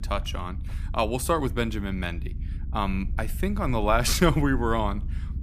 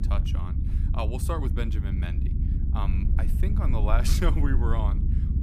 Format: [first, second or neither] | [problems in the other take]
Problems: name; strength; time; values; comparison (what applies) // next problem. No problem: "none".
first | low rumble; loud; throughout; 7 dB below the speech; faint in the first